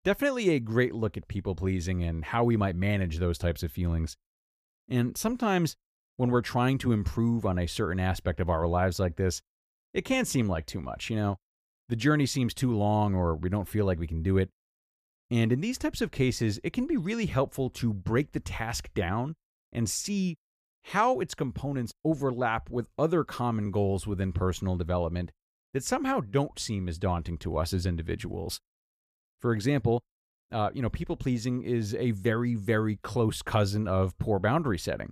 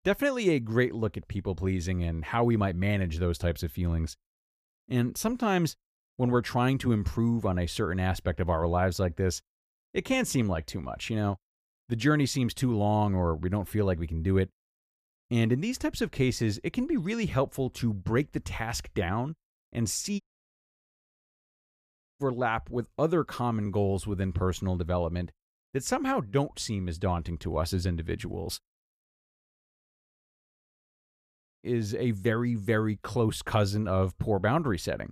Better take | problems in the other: first | audio cutting out; at 20 s for 2 s and at 29 s for 2.5 s

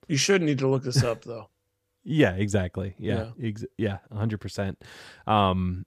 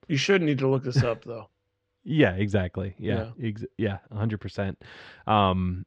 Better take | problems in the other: first | muffled; very slightly; fading above 3 kHz

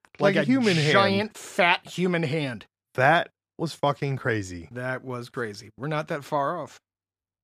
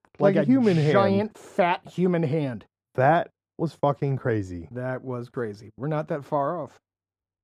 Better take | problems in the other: first | muffled; slightly; fading above 1.5 kHz

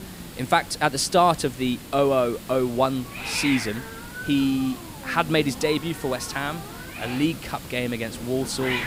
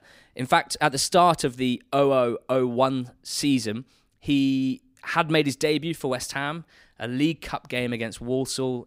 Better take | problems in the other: second | hiss; noticeable; throughout; 10 dB below the speech

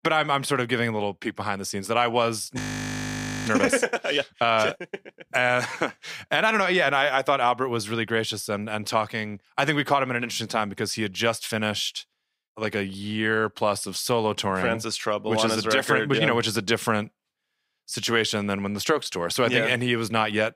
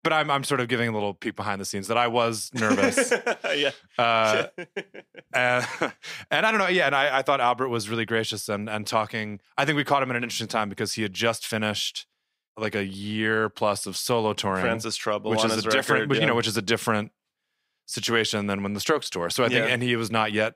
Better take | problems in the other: second | audio freezing; at 2.5 s for 1 s

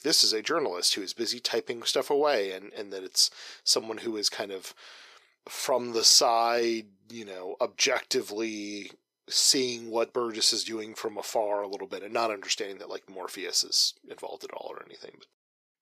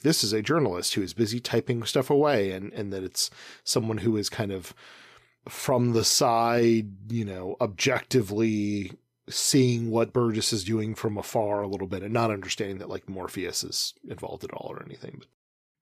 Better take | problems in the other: second | thin; somewhat; fading below 500 Hz

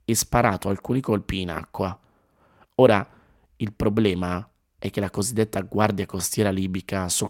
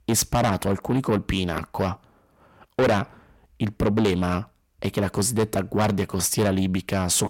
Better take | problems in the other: first | distortion; heavy; 6 dB below the speech

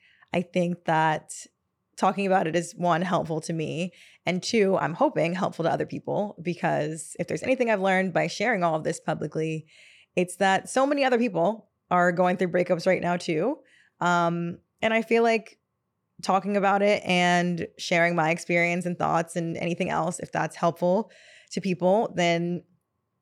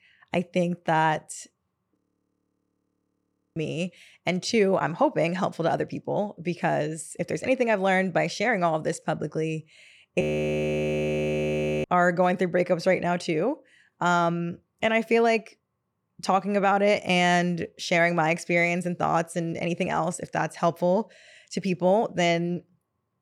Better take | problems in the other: first | audio freezing; at 2 s for 1.5 s and at 10 s for 1.5 s

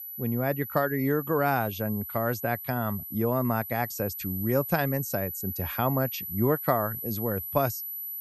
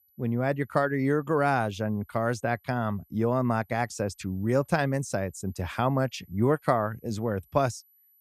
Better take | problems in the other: second | high-pitched whine; loud; throughout; 12 kHz, 6 dB below the speech; faint in the second

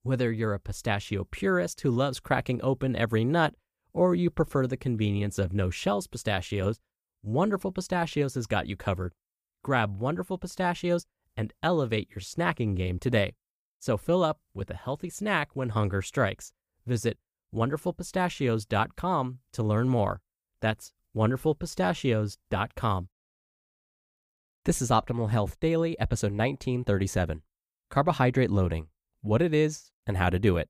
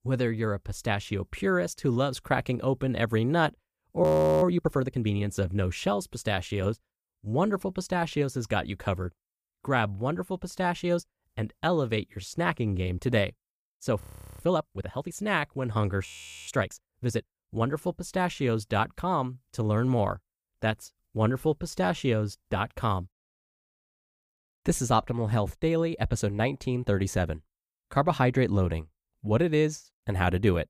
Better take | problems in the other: first | audio freezing; at 4 s, at 14 s and at 16 s

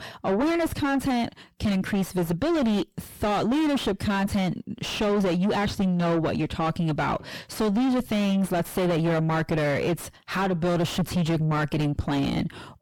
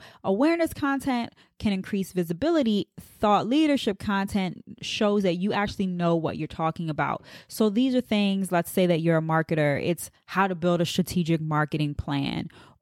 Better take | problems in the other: second | distortion; heavy; 4 dB below the speech

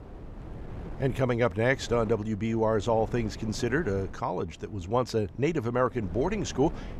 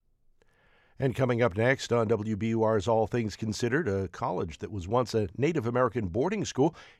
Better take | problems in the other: second | wind noise on the microphone; occasional gusts; 20 dB below the speech

